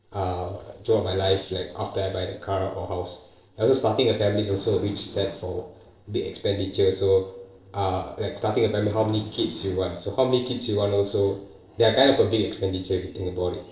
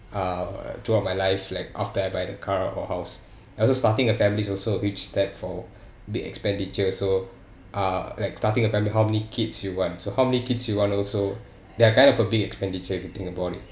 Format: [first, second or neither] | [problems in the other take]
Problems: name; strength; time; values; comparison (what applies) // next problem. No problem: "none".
second | noise reduction (neural separator model SepFormer DNS4)